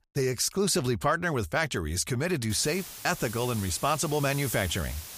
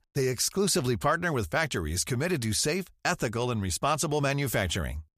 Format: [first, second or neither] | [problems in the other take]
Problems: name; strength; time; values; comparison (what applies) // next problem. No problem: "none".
second | hiss; noticeable; from 2.5 s on; 10 dB below the speech